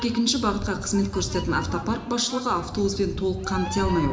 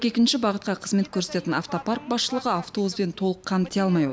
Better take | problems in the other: second | background sound (Meow); 7 dB below the speech // room echo; dies away in 0.8 s

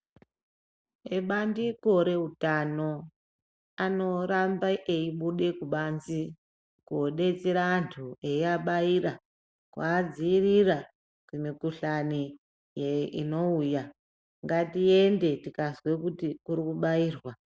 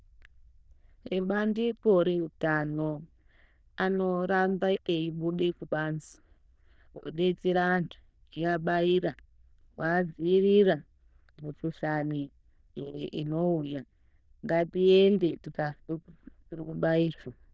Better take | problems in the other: first | noise reduction (neural diffusion model UNIVERSE++)

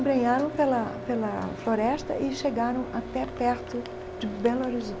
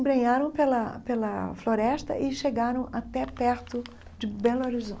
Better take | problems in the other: second | background sound (Microwave oven); 11 dB below the speech

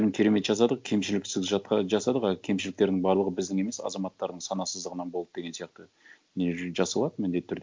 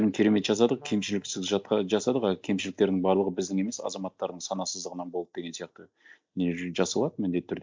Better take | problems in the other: first | noise reduction (neural mask model DeepFilterNet 3)

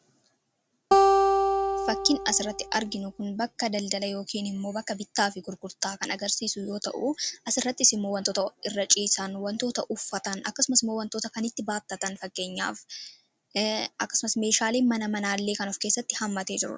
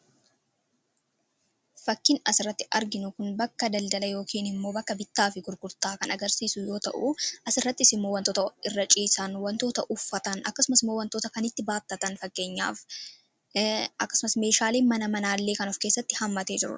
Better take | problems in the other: second | background sound (Acoustic guitar); 4 dB above the speech

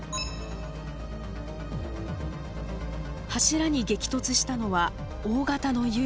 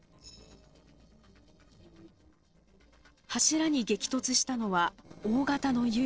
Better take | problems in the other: first | noise reduction (neural separator model SepFormer DNS4)

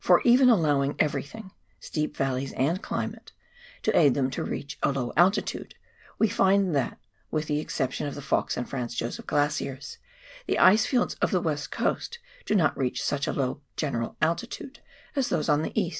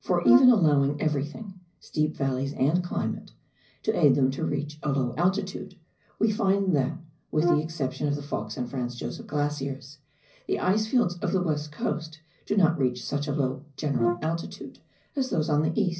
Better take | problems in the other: first | background sound (Brass instrument); 7 dB below the speech // room echo; dies away in 0.5 s

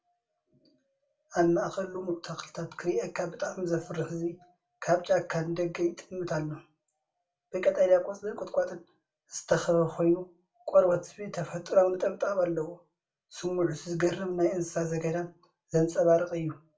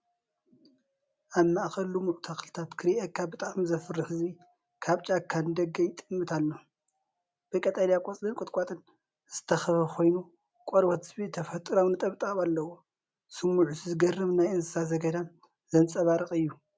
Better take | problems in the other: second | room echo; dies away in 0.2 s

